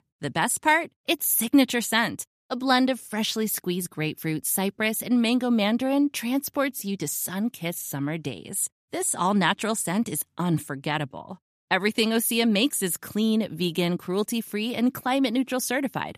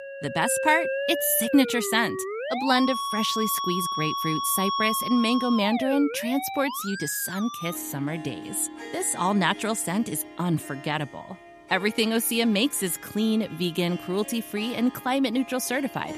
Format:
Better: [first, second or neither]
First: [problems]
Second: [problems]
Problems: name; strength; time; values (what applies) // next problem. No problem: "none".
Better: first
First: none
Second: background music; loud; throughout; 6 dB below the speech